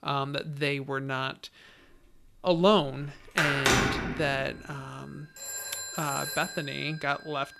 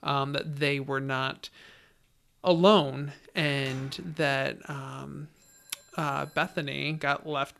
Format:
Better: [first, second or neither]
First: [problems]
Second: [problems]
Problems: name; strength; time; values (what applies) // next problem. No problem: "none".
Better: second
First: alarms or sirens; loud; from 2 s on; as loud as the speech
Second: alarms or sirens; faint; from 2 s on; 25 dB below the speech